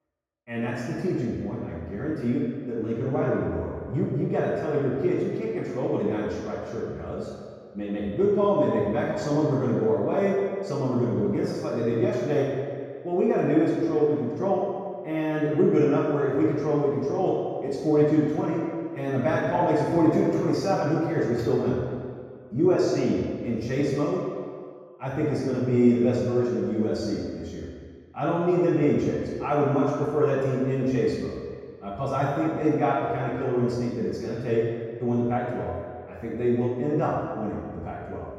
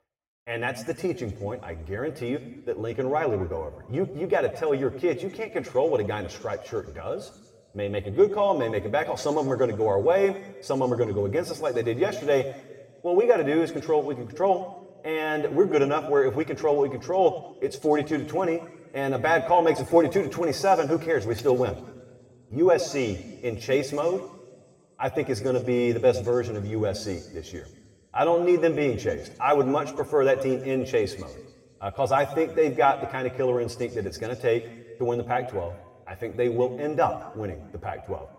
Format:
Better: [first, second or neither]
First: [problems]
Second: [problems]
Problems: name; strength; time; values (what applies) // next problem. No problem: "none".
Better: second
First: room echo; strong; dies away in 2 s // off-mic speech; far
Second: room echo; slight; dies away in 1.6 s